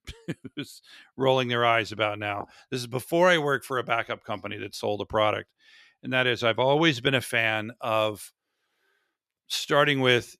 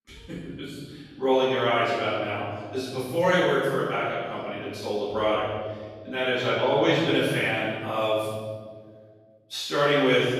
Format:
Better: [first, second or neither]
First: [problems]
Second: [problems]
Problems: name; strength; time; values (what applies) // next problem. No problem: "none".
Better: first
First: none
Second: room echo; strong; dies away in 1.6 s // off-mic speech; far